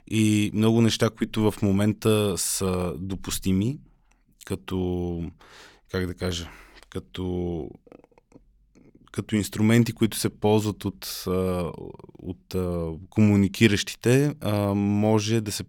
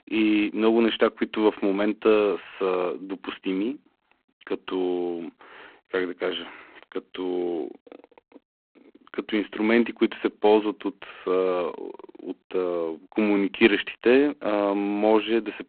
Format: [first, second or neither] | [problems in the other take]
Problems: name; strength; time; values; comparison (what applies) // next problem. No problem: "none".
first | phone-call audio; poor line